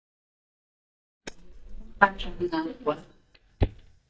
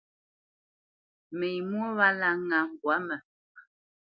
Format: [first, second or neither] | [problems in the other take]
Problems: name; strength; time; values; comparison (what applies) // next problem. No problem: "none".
second | noise reduction (neural mask model DeepFilterNet 3)